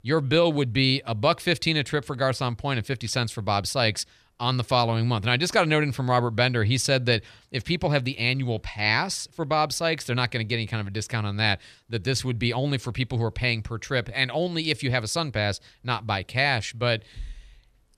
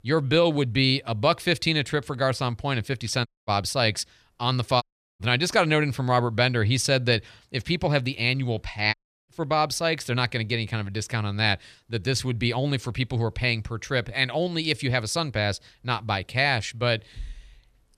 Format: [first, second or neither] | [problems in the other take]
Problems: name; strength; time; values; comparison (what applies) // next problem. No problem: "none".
first | audio cutting out; at 3.5 s, at 5 s and at 9 s